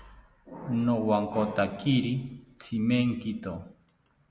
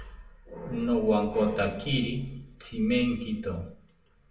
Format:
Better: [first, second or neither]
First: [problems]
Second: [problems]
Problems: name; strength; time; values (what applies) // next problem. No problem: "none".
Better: first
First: none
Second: room echo; dies away in 0.3 s